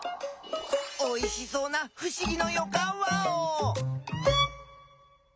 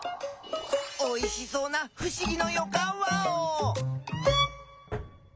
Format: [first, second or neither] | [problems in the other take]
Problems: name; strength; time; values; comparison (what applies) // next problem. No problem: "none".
first | background sound (Drawer open or close); 18 dB below the speech